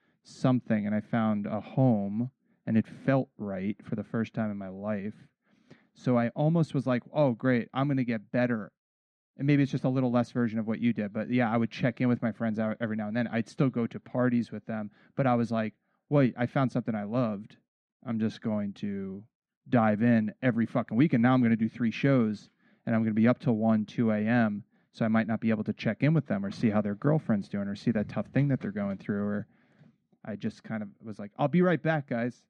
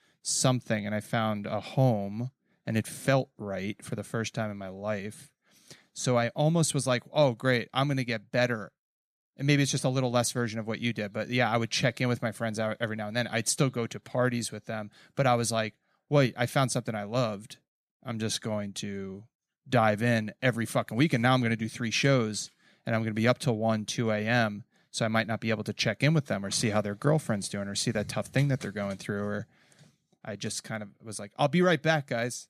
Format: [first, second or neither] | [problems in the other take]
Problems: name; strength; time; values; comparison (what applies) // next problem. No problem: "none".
second | muffled; very; fading above 2 kHz